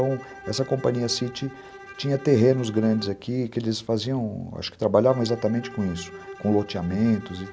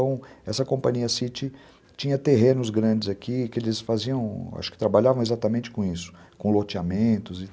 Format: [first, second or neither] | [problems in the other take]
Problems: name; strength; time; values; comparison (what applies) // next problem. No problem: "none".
second | background sound (Bowed string instrument); 18 dB below the speech